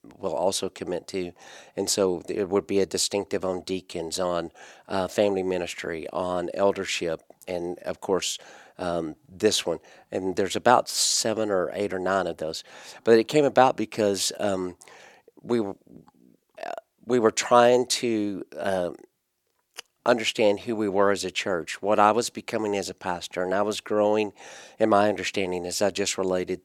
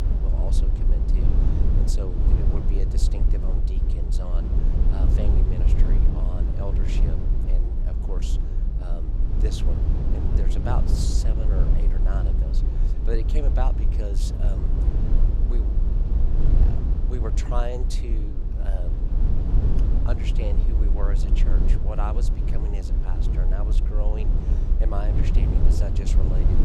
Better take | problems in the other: first | low rumble; loud; throughout; 1 dB below the speech

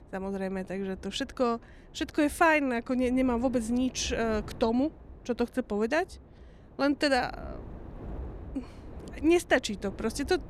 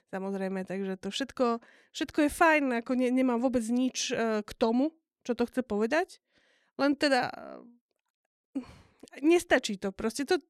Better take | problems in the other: second | wind noise on the microphone; occasional gusts; 25 dB below the speech

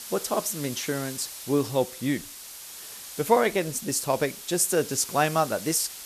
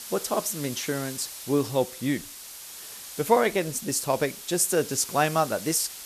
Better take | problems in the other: neither | hiss; noticeable; throughout; 10 dB below the speech; the same in both

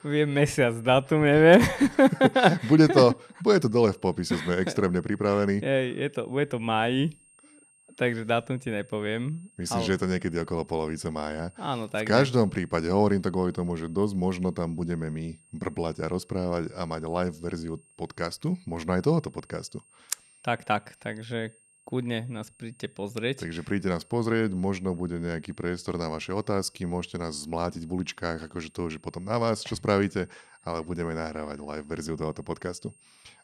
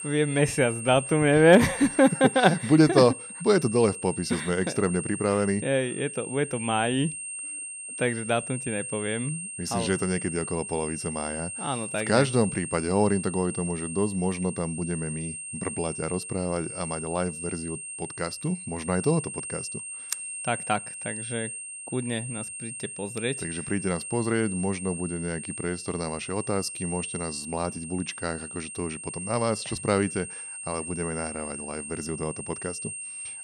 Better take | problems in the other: first | high-pitched whine; loud; throughout; 8.5 kHz, 8 dB below the speech; faint in the first

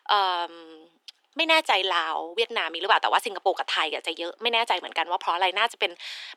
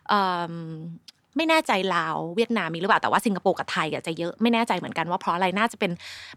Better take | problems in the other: second | thin; very; fading below 350 Hz

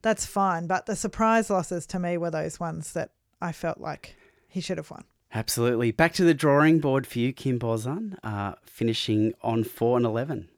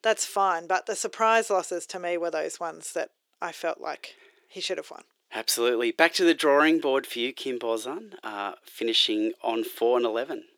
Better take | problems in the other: first | thin; somewhat; fading below 350 Hz

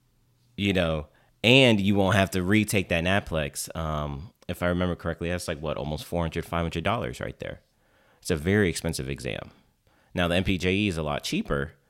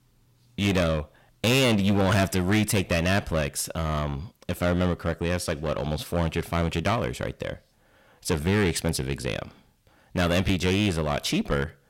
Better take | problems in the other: first | distortion; heavy; 10% of the sound clipped

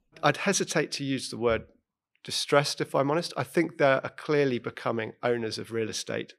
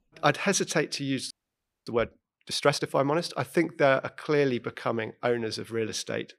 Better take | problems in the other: first | audio freezing; at 1.5 s for 0.5 s

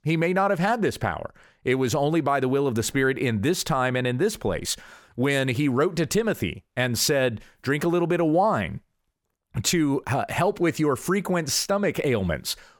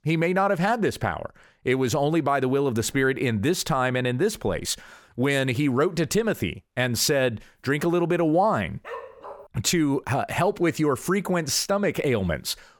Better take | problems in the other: first | dog barking; faint; at 9 s; peak 15 dB below the speech

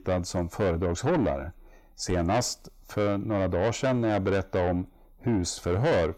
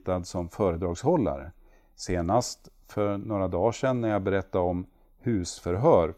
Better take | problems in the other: second | distortion; heavy; 8 dB below the speech

